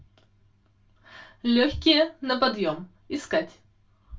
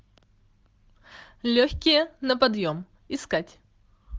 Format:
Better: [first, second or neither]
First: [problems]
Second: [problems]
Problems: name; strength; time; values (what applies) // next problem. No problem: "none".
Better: second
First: room echo; dies away in 0.2 s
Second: none